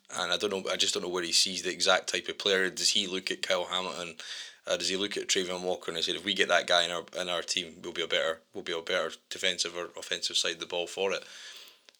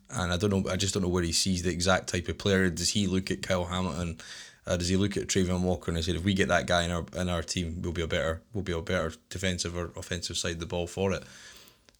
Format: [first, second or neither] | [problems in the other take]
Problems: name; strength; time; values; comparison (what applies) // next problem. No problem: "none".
second | thin; somewhat; fading below 450 Hz